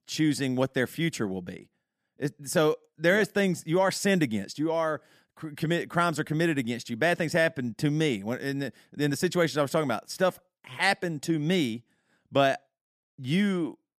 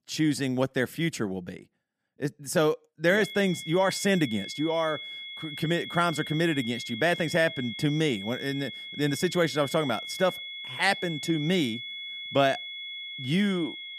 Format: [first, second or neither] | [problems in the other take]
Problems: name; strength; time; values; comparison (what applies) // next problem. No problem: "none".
first | high-pitched whine; loud; from 3 s on; 3.5 kHz, 9 dB below the speech